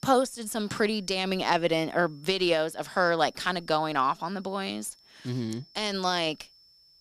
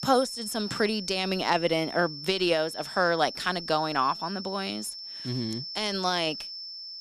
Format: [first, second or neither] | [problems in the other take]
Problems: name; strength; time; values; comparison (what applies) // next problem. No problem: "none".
first | high-pitched whine; loud; throughout; 5.5 kHz, 9 dB below the speech; faint in the first